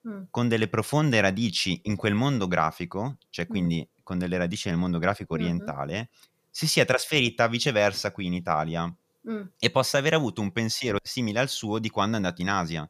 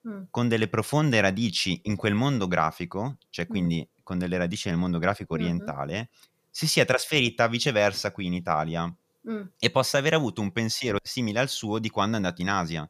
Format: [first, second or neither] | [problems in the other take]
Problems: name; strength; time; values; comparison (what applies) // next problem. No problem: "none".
neither | none